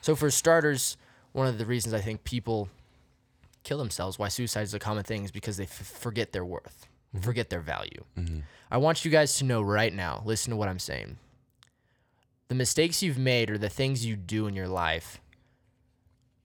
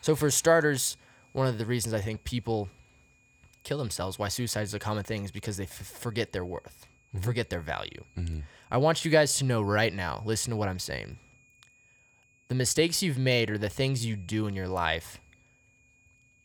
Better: first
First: none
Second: high-pitched whine; faint; throughout; 2.5 kHz, 35 dB below the speech

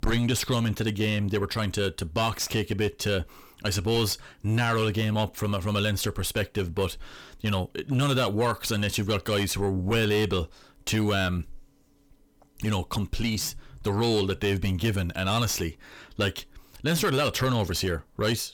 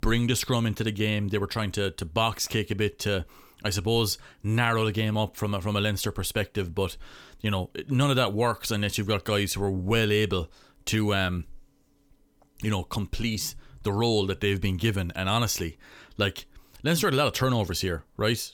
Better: second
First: distortion; slight; 10 dB below the speech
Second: none

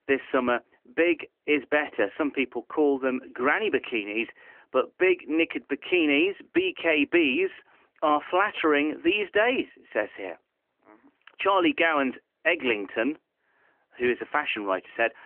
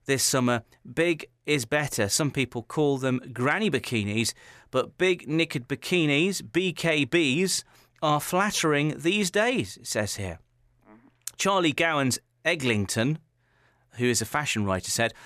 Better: second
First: phone-call audio; nothing above 3 kHz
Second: none

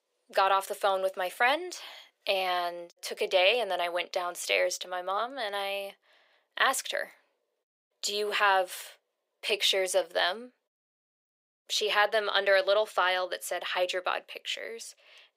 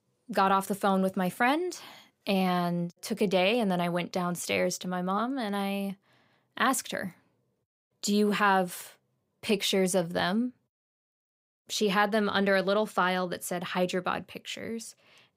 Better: second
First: thin; very; fading below 400 Hz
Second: none

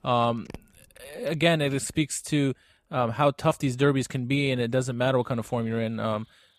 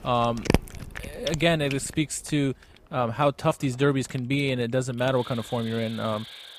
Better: first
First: animal sounds; faint; throughout; 30 dB below the speech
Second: animal sounds; loud; throughout; 7 dB below the speech

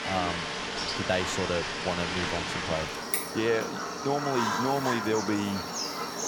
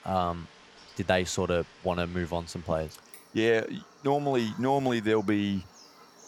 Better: second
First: animal sounds; loud; throughout; as loud as the speech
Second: animal sounds; faint; throughout; 25 dB below the speech

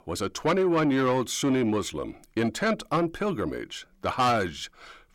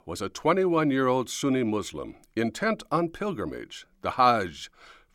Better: second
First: distortion; slight; 10 dB below the speech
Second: none

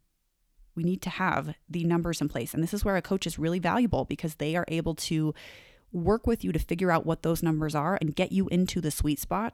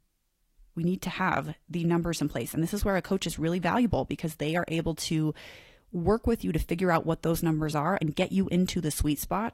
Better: first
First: none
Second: garbled, watery; slightly; nothing above 13.5 kHz

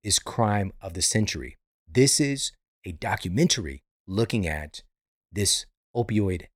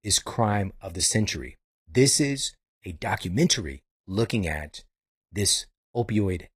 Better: first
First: none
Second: garbled, watery; slightly; nothing above 14 kHz

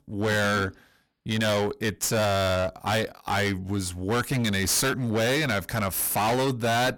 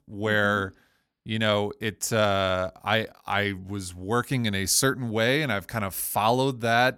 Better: second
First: distortion; heavy; 27% of the sound clipped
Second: none

